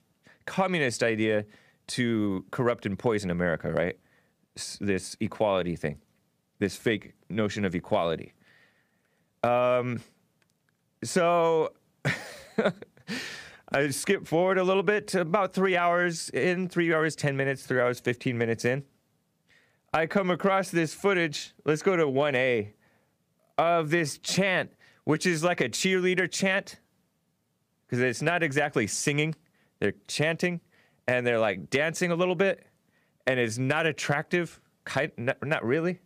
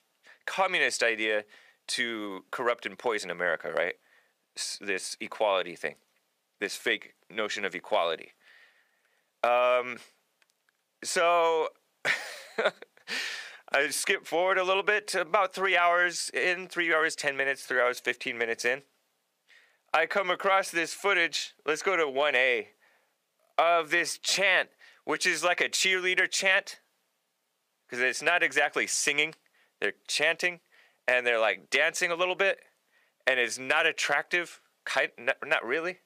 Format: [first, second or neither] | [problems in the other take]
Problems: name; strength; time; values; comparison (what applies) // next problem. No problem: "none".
first | thin; very; fading below 550 Hz